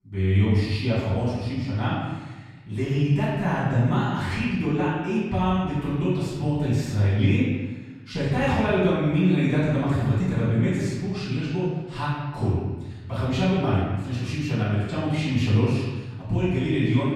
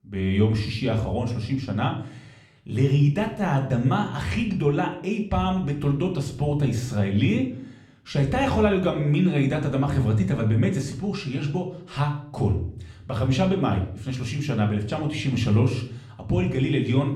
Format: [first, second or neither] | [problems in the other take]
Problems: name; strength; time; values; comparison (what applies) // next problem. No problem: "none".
second | room echo; strong; dies away in 1.2 s; slight in the second // off-mic speech; far; somewhat distant in the second